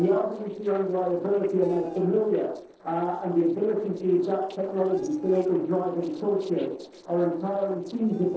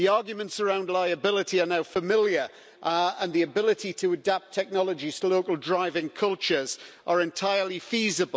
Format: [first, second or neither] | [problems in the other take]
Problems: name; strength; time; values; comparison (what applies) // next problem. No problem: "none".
second | noise reduction (neural separator model SepFormer DNS4)